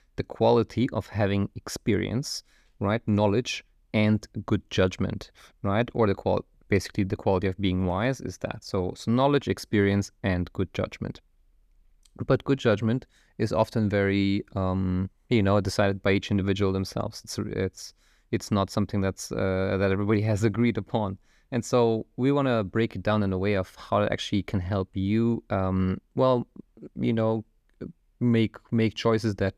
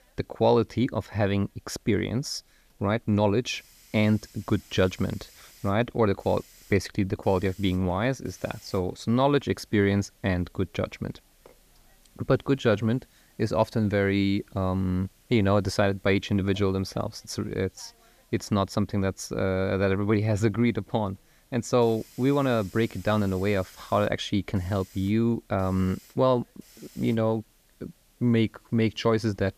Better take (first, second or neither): first